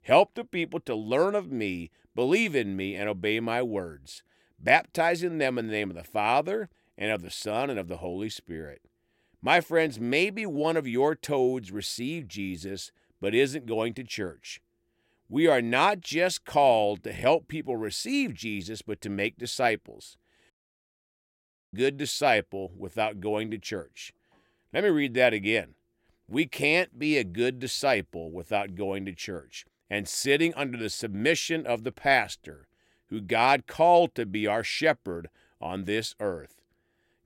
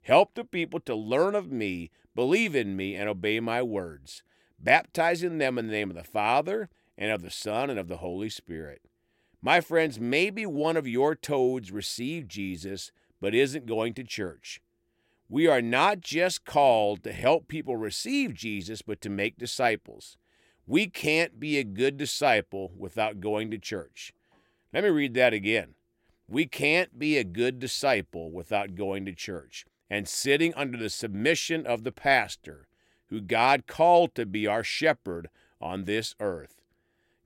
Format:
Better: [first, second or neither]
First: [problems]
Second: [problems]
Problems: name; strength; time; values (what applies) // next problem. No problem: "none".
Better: second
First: audio cutting out; at 21 s for 1 s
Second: none